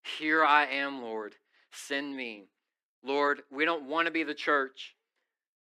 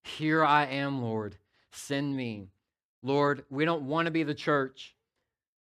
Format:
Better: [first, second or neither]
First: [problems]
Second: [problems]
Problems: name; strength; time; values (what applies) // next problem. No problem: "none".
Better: second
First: thin; somewhat; fading below 300 Hz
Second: none